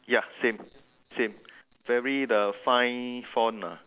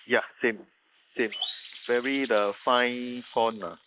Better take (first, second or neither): first